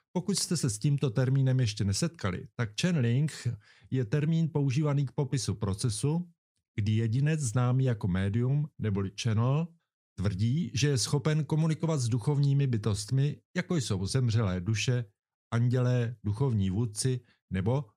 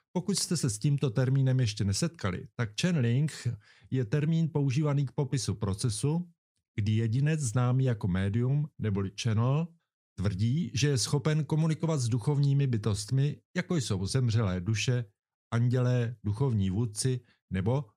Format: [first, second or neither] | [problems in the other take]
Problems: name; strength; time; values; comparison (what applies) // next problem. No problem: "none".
neither | none